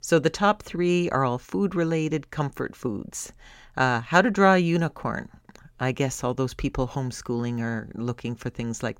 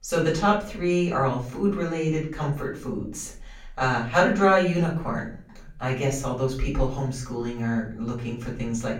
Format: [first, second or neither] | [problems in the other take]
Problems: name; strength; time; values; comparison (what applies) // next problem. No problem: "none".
first | off-mic speech; far // room echo; slight; dies away in 0.4 s